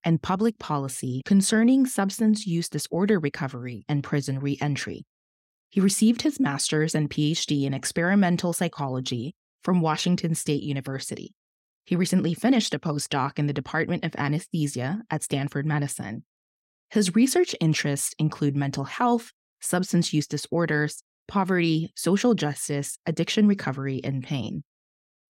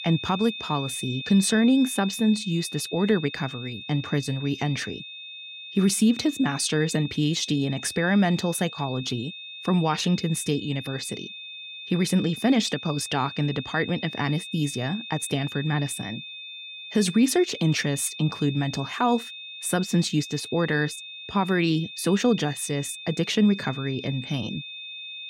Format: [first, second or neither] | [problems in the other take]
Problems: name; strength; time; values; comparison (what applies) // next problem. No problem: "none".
first | high-pitched whine; noticeable; throughout; 3.5 kHz, 10 dB below the speech